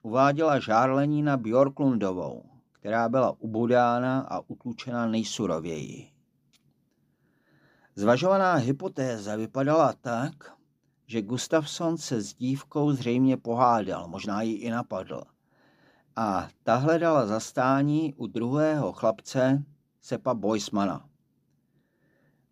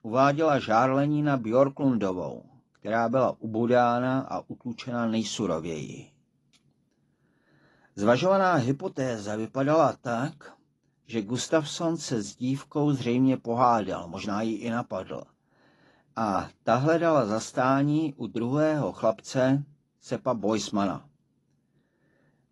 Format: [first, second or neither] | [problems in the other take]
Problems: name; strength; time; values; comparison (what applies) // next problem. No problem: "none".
first | garbled, watery; slightly; nothing above 11.5 kHz